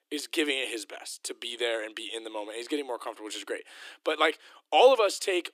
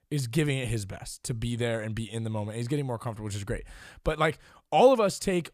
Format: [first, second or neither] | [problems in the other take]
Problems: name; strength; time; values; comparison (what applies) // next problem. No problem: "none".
second | thin; very; fading below 300 Hz